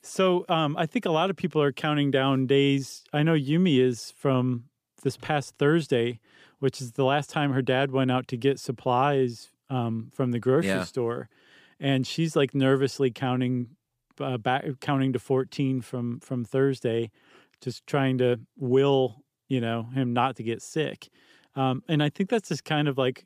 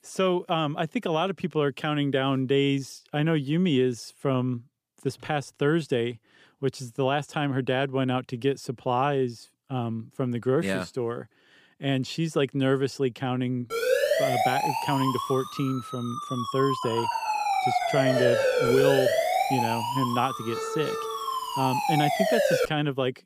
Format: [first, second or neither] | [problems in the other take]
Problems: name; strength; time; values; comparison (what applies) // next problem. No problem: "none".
first | siren; loud; from 14 to 23 s; peak 5 dB above the speech